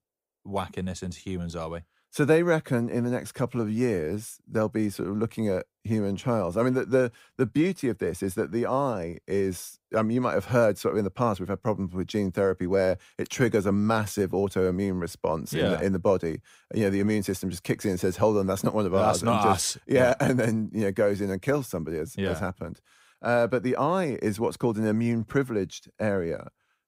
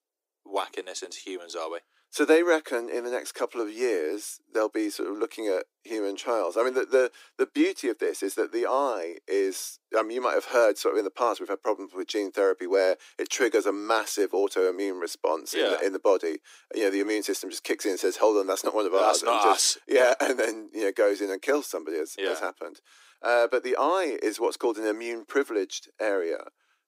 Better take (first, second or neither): first